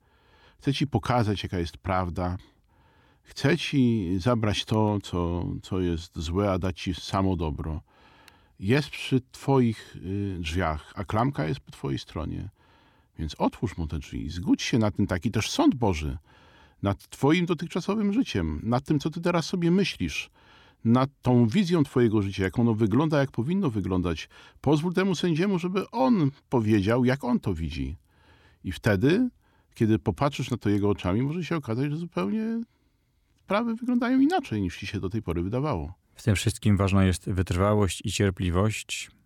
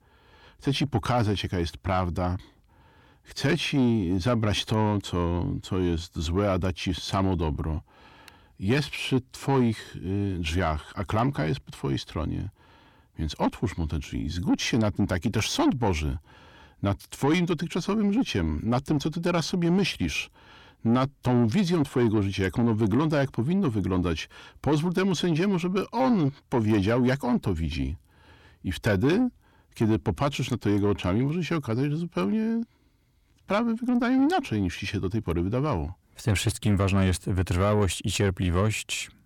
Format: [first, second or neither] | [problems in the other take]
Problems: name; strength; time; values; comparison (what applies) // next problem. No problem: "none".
first | distortion; slight; 10 dB below the speech